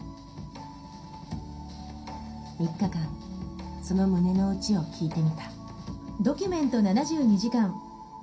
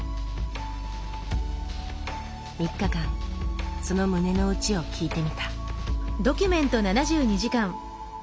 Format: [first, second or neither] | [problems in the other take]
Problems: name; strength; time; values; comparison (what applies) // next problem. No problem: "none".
second | room echo; dies away in 0.3 s